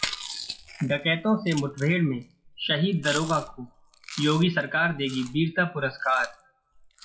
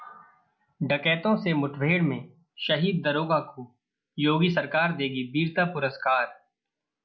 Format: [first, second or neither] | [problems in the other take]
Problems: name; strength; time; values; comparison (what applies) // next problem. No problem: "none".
second | noise reduction (classical method WPE with log-MMSE)